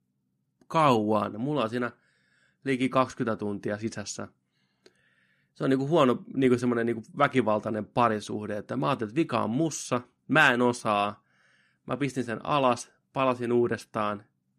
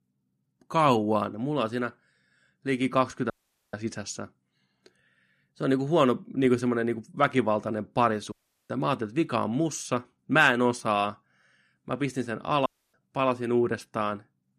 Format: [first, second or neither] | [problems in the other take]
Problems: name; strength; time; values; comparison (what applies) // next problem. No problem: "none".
first | audio cutting out; at 3.5 s, at 8.5 s and at 13 s